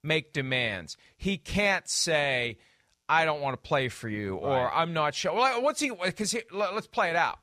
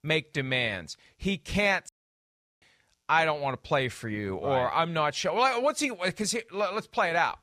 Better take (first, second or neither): first